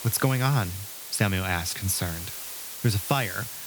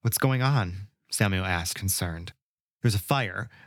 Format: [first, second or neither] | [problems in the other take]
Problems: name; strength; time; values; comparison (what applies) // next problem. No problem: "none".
second | hiss; loud; throughout; 8 dB below the speech